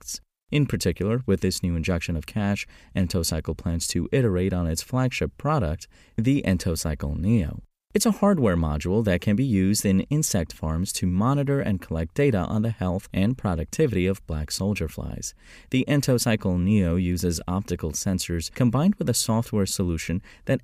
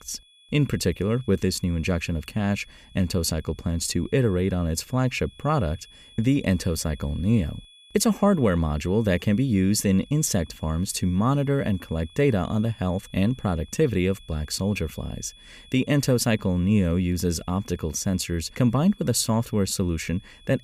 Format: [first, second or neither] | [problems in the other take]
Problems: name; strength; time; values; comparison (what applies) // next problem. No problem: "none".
first | high-pitched whine; faint; throughout; 3.5 kHz, 25 dB below the speech